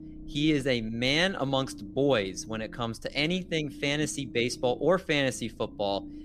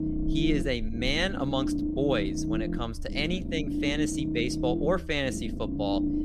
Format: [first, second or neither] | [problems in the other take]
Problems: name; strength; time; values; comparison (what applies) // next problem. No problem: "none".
first | low rumble; loud; throughout; 5 dB below the speech; faint in the first